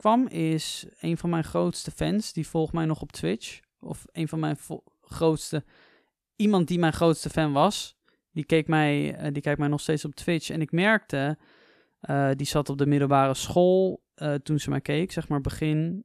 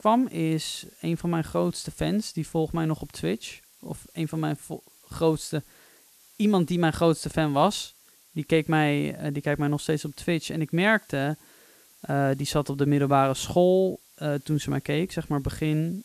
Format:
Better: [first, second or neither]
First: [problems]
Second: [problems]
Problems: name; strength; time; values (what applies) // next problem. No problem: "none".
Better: first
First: none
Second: hiss; faint; throughout; 25 dB below the speech